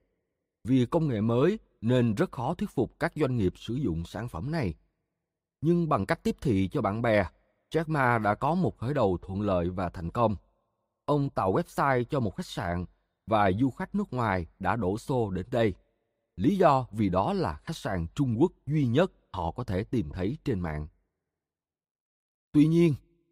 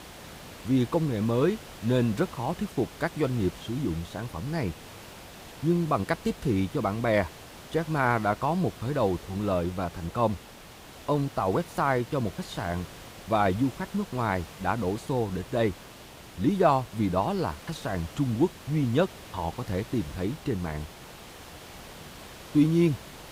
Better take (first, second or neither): first